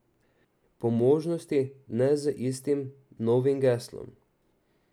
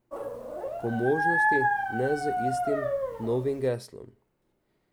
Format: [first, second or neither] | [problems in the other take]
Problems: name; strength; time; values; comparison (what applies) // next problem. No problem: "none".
first | background sound (Dog); 3 dB above the speech